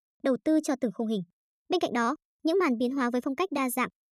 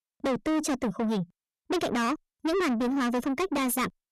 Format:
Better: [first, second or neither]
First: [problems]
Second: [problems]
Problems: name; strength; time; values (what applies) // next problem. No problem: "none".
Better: first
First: none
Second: distortion; heavy; 7 dB below the speech